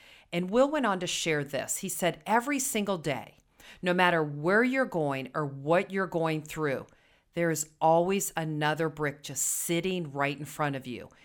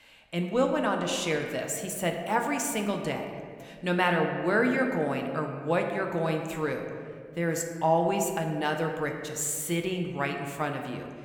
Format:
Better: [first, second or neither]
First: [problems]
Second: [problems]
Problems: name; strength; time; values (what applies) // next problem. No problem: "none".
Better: first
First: none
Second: room echo; slight; dies away in 1.6 s